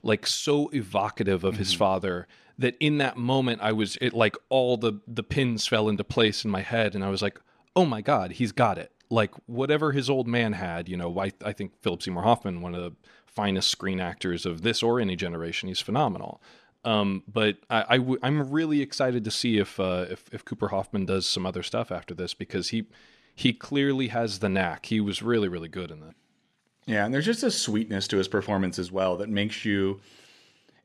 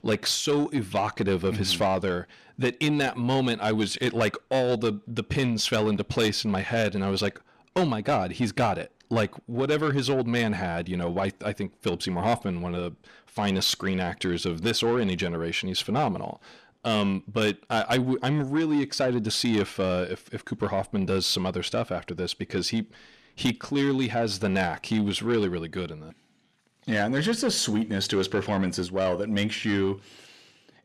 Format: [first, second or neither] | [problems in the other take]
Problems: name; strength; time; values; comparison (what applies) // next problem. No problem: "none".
first | distortion; slight; 10 dB below the speech